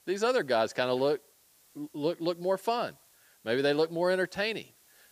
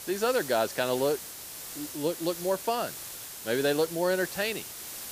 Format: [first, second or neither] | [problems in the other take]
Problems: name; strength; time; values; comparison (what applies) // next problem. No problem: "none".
first | hiss; loud; throughout; 9 dB below the speech; faint in the first